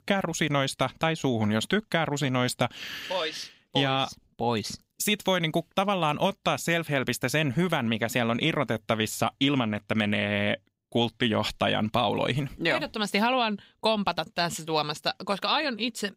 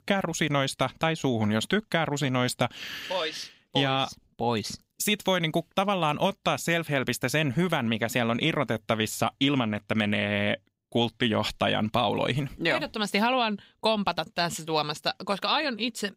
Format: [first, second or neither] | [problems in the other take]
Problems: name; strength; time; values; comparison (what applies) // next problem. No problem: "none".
neither | none